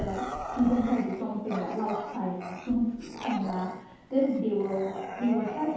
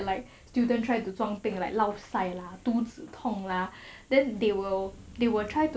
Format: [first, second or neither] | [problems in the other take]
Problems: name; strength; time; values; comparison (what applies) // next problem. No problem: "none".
second | background sound (Bark / Growling); 10 dB below the speech // room echo; dies away in 0.8 s